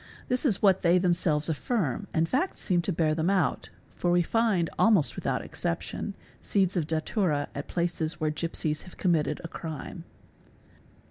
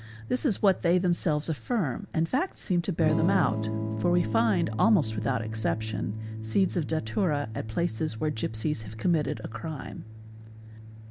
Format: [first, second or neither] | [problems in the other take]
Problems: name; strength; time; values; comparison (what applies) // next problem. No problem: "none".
first | background sound (Electric guitar / Strum); 6 dB below the speech